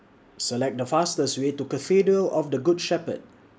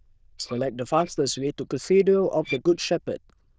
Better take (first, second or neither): first